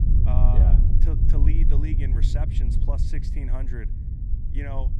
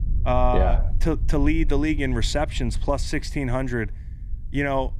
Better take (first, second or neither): second